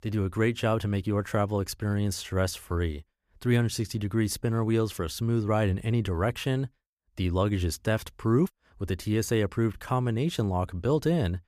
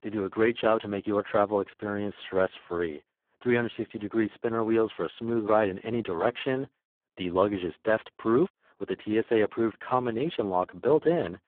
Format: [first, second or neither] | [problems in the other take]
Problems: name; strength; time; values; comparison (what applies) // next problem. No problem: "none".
first | phone-call audio; poor line